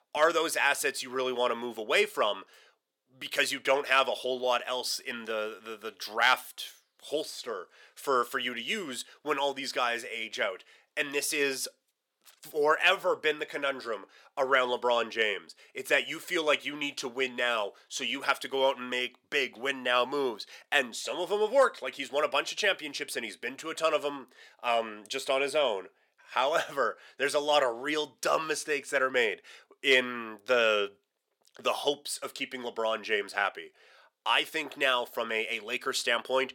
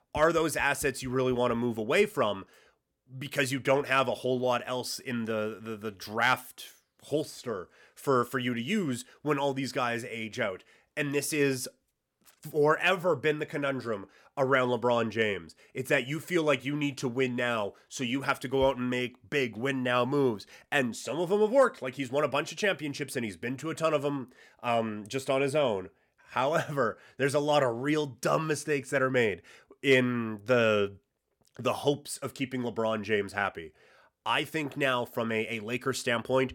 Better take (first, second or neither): second